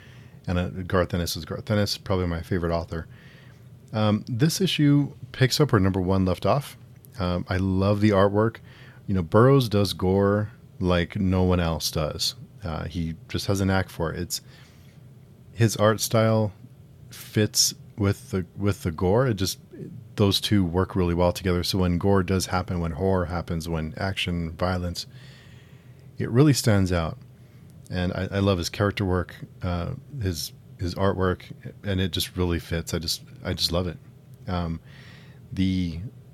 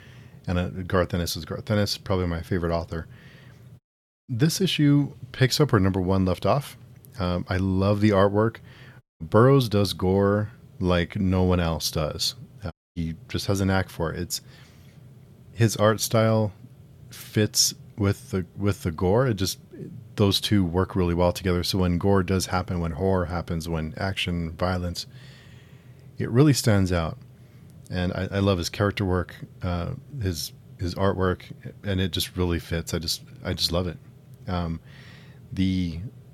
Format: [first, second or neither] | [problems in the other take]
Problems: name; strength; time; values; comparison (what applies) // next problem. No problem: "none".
first | audio cutting out; at 4 s, at 9 s and at 13 s